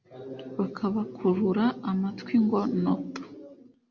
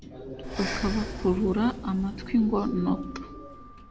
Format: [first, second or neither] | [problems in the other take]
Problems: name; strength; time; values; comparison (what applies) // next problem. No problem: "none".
first | background sound (Breathing + Sliding door); 9 dB below the speech